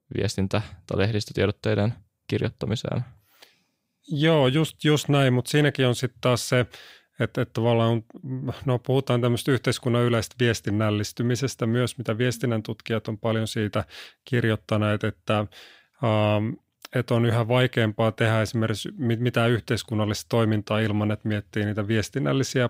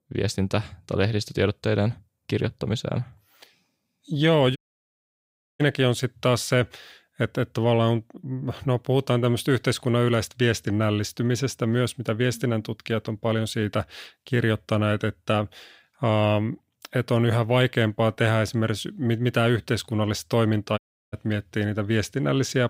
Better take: first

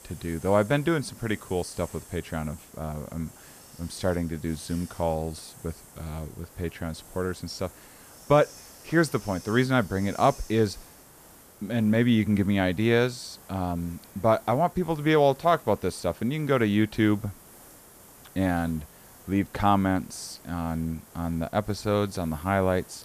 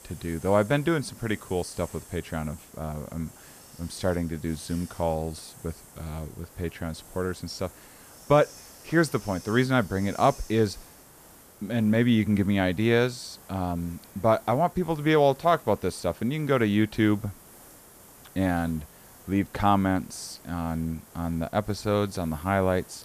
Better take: neither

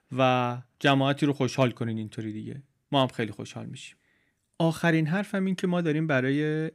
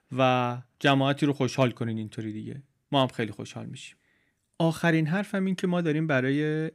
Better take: neither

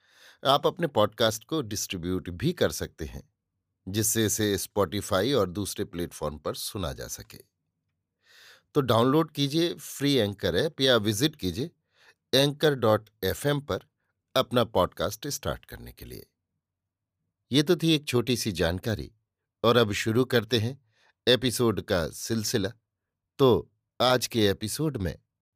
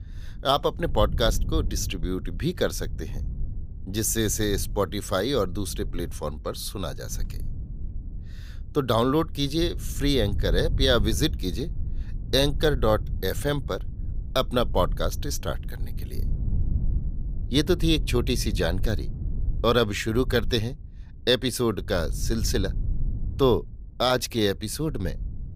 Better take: first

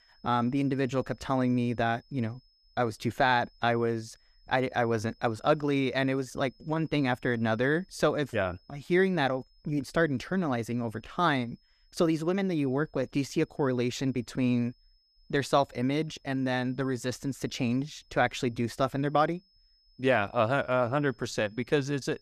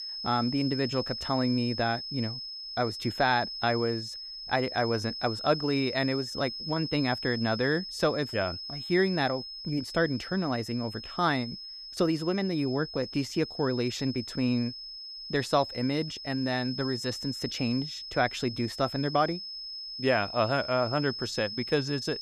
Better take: first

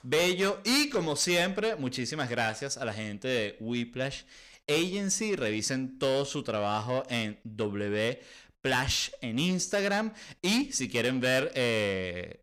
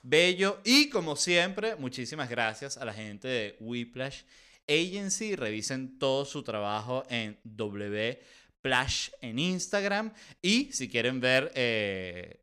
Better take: second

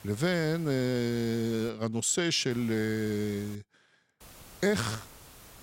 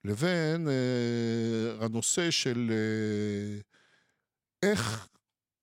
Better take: second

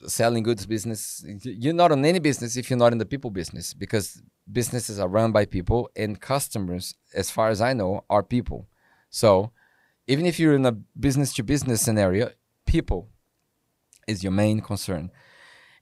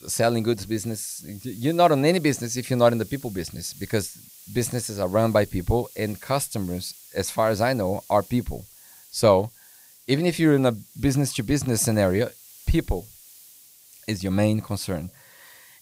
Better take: first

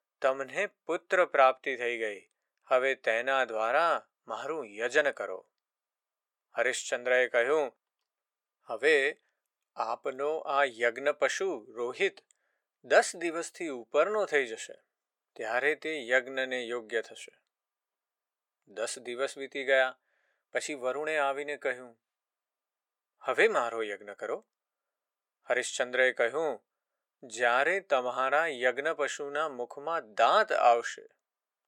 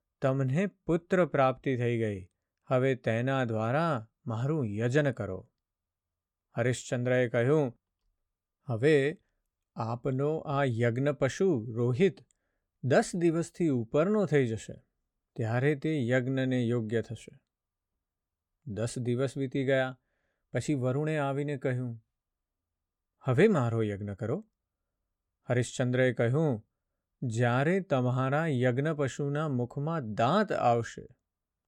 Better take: second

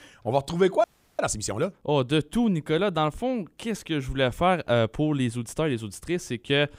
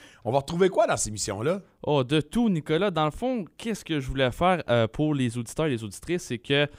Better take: second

